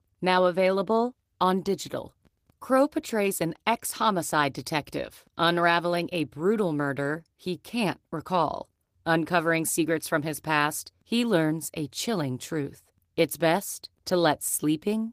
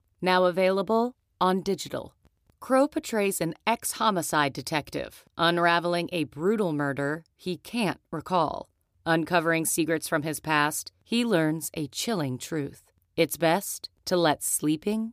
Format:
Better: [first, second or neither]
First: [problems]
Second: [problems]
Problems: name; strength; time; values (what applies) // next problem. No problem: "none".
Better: second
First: garbled, watery; slightly; nothing above 15 kHz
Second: none